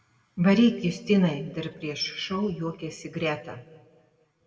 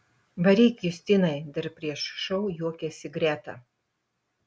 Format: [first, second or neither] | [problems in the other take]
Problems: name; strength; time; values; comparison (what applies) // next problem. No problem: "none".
second | room echo; dies away in 1.1 s